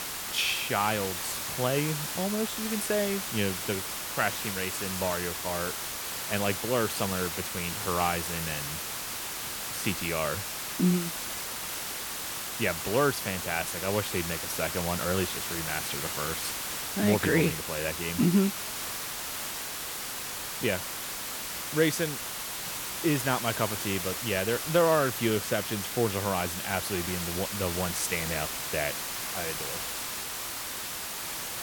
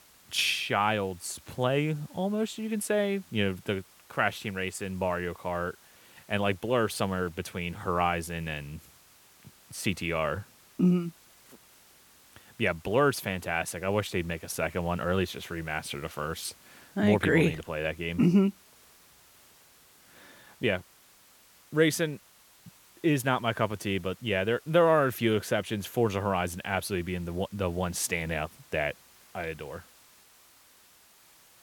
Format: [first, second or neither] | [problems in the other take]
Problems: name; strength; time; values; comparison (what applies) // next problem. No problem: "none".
second | hiss; loud; throughout; 2 dB below the speech; faint in the second